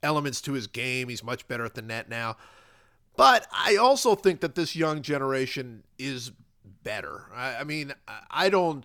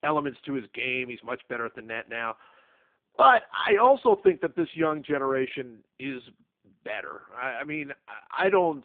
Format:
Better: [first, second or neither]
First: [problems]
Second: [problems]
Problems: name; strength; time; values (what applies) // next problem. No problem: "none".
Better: first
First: none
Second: phone-call audio; poor line